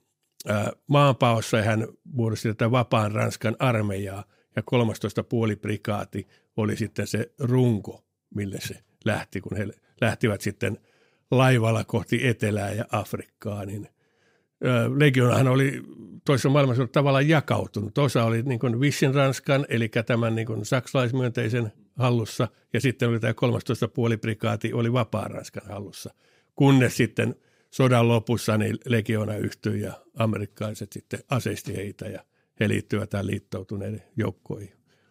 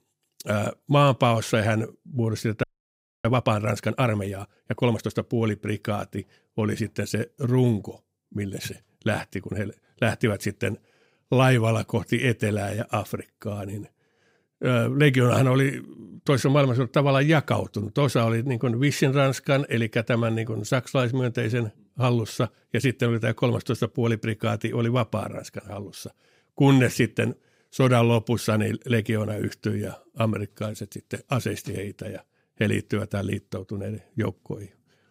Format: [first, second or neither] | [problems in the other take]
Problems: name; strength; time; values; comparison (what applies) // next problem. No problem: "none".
first | audio freezing; at 2.5 s for 0.5 s